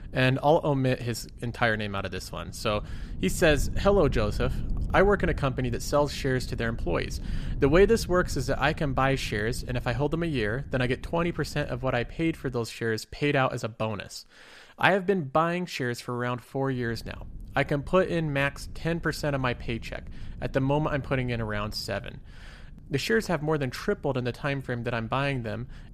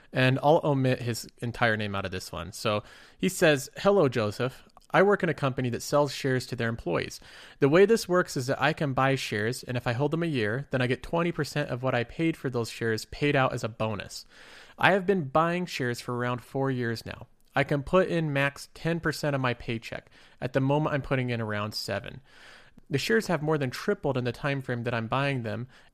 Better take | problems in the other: second | low rumble; faint; until 13 s and from 17 s on; 25 dB below the speech

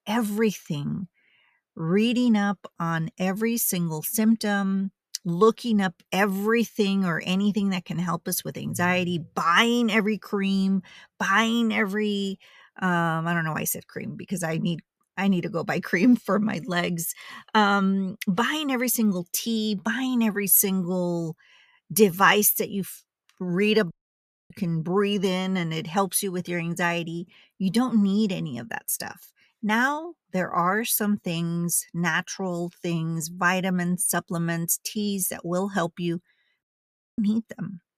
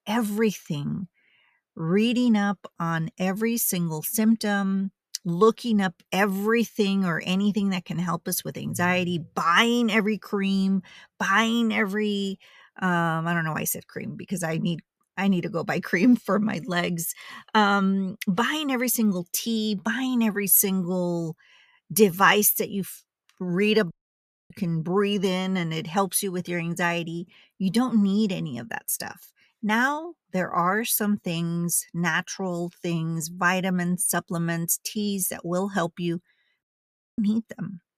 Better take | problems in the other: neither | audio cutting out; at 24 s for 0.5 s and at 37 s for 0.5 s; the same in both

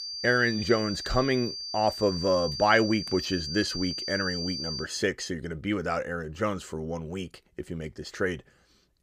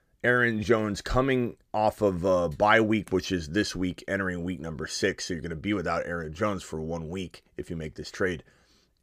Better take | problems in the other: second | high-pitched whine; loud; until 5 s; 4.5 kHz, 5 dB below the speech

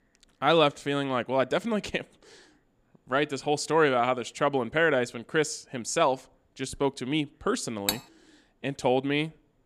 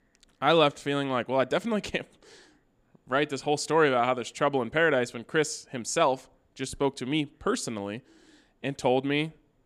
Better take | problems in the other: second | clattering dishes; noticeable; at 8 s; peak 3 dB below the speech

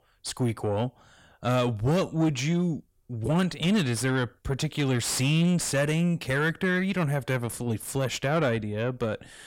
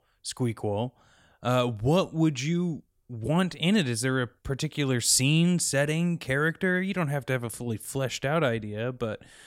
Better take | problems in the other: second | distortion; slight; 10 dB below the speech

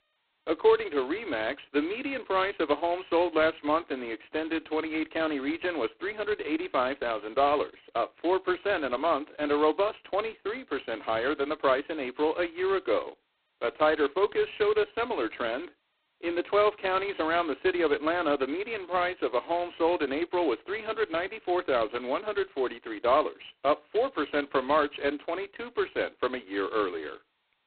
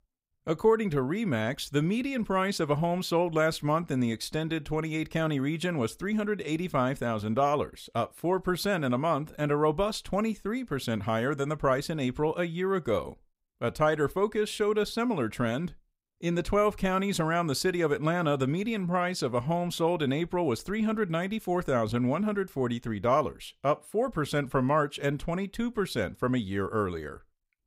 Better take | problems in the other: second | phone-call audio; poor line; nothing above 4 kHz

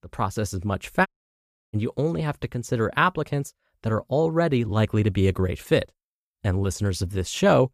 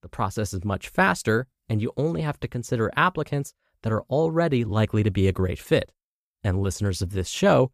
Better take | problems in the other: second | audio cutting out; at 1 s for 0.5 s

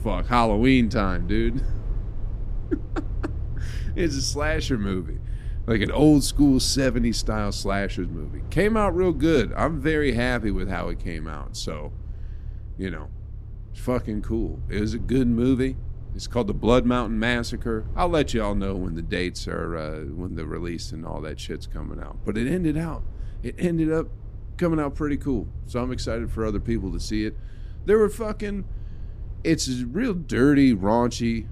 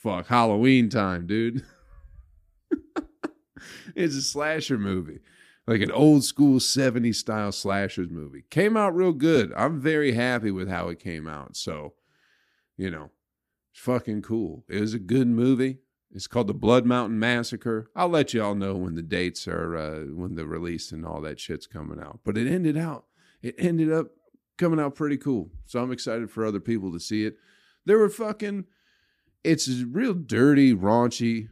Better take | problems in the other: second | low rumble; faint; throughout; 25 dB below the speech

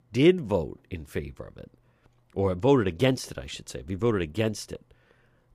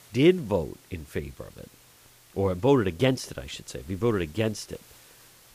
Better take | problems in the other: first | hiss; faint; throughout; 25 dB below the speech

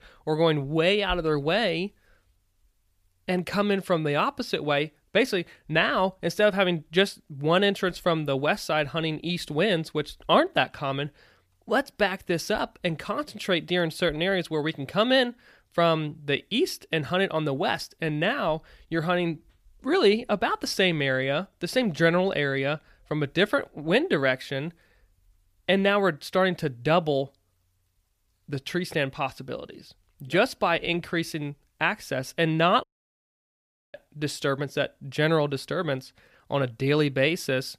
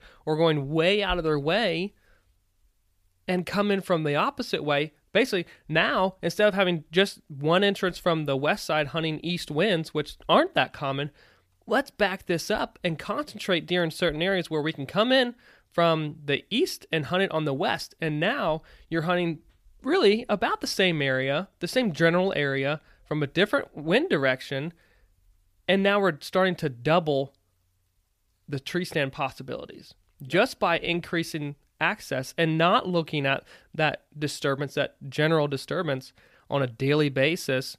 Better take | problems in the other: second | audio cutting out; at 33 s for 1 s

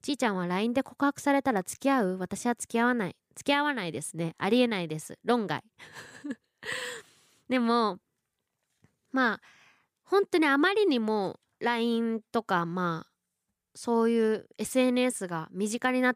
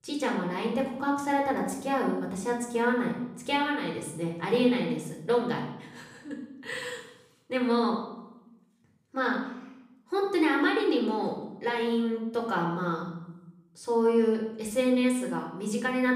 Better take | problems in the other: first | off-mic speech; far // room echo; noticeable; dies away in 0.8 s

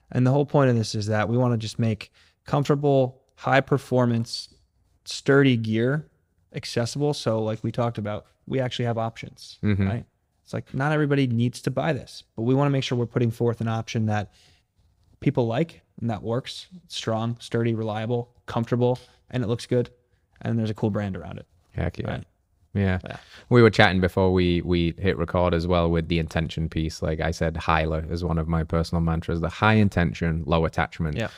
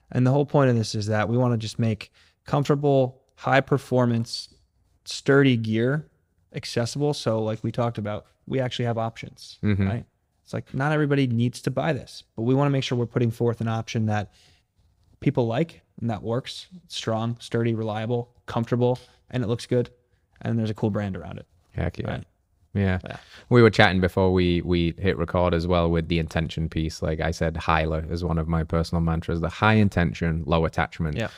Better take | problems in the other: neither | none

